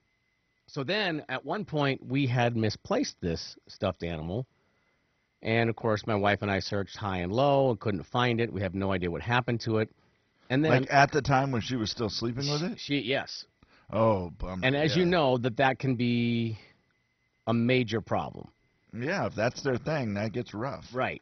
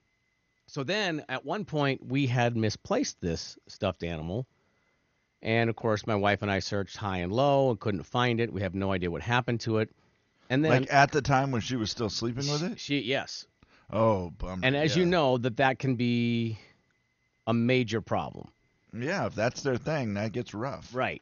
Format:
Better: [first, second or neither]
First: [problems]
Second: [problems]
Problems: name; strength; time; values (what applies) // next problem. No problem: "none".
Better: second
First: garbled, watery; badly; nothing above 6 kHz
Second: garbled, watery; slightly; nothing above 6.5 kHz